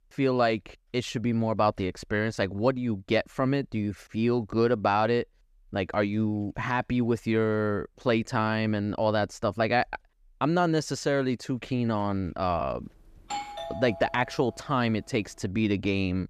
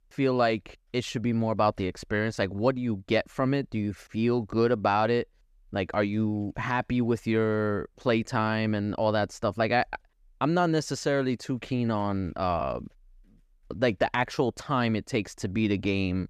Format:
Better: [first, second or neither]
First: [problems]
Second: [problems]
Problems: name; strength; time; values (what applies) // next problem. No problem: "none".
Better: second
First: doorbell; noticeable; from 13 to 14 s; peak 7 dB below the speech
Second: none